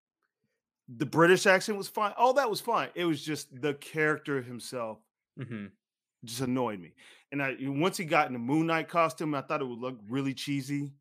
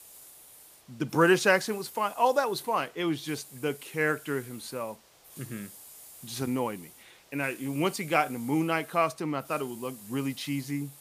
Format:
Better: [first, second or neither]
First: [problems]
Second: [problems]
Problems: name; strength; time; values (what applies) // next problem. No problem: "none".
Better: first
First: none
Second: hiss; noticeable; throughout; 20 dB below the speech